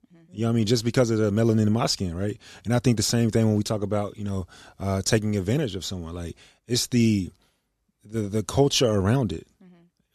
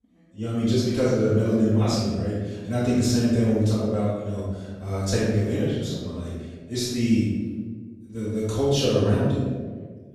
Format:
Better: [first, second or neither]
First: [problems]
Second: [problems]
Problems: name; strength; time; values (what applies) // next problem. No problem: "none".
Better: first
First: none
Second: room echo; strong; dies away in 1.4 s // off-mic speech; far